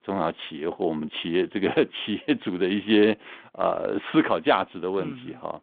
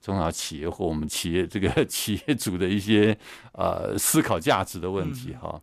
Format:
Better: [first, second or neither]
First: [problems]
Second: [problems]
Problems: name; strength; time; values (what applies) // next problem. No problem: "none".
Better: second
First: phone-call audio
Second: none